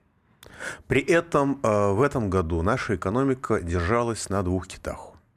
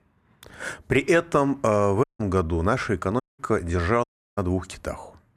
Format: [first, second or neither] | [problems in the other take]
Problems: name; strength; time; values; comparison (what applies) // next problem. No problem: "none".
first | audio cutting out; at 2 s, at 3 s and at 4 s